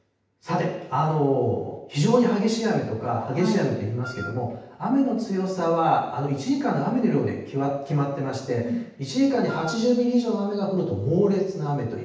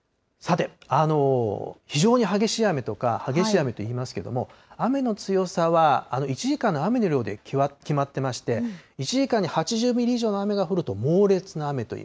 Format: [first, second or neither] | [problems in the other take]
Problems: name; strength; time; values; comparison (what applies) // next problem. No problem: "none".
second | background sound (Wind instrument, woodwind instrument); 15 dB below the speech // room echo; dies away in 0.9 s